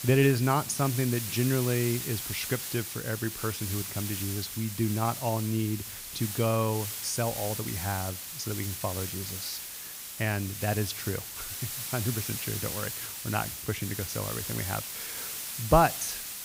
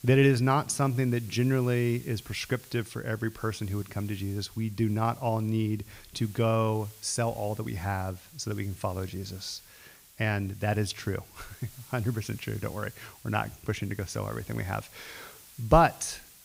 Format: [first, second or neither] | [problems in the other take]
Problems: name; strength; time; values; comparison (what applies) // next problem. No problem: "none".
second | hiss; loud; throughout; 4 dB below the speech; faint in the second